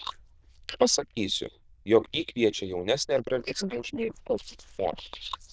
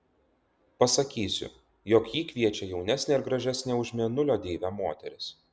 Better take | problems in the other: second | noise reduction (neural diffusion model UNIVERSE++)

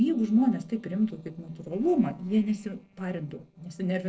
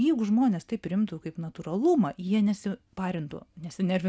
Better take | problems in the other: second | noise reduction (neural separator model SepFormer DNS4)

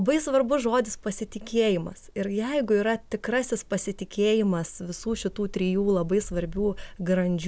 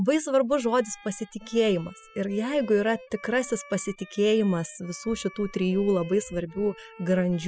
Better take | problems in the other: first | noise reduction (classical method spectral subtraction)

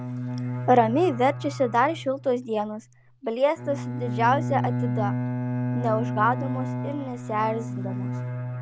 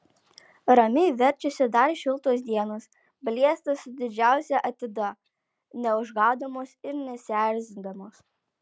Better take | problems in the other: second | background sound (Bowed string instrument); 4 dB below the speech

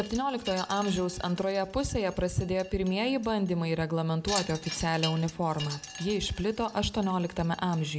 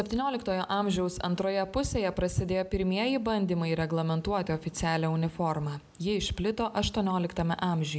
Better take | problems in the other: second | background sound (Wind chime); 14 dB below the speech

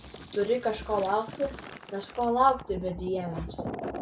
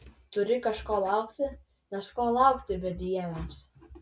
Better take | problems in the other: second | background sound (Fill (with liquid)); 11 dB below the speech

